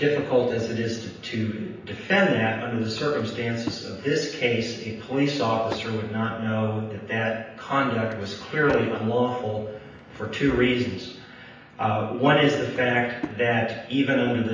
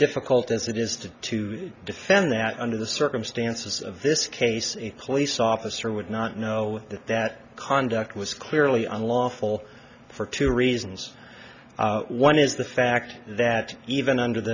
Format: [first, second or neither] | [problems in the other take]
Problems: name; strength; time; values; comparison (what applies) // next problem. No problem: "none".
second | background sound (Drawer open or close / Wood); 19 dB below the speech // room echo; dies away in 0.9 s